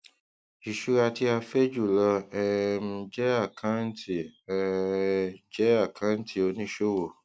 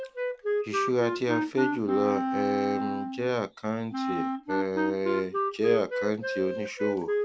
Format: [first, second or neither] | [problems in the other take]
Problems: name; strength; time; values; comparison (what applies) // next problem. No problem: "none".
first | background sound (Wind instrument, woodwind instrument); 1 dB below the speech